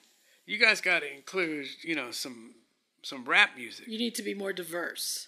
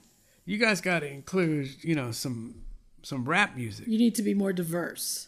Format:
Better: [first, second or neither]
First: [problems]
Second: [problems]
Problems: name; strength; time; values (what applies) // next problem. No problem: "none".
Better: second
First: thin; somewhat; fading below 300 Hz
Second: none